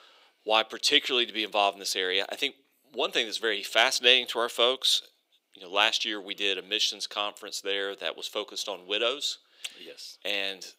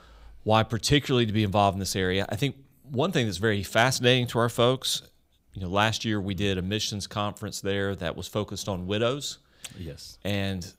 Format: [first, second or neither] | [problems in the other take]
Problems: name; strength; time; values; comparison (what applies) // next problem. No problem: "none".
second | thin; very; fading below 350 Hz